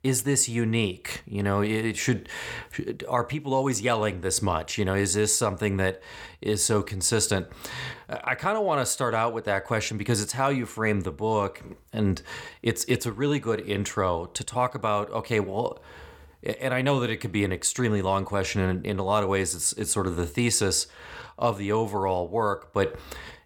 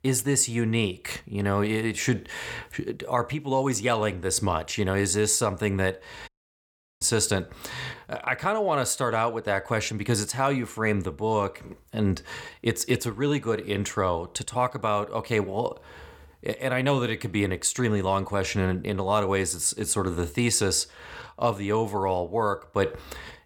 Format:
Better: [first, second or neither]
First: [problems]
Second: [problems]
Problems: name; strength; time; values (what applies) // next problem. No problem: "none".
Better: first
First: none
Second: audio cutting out; at 6.5 s for 0.5 s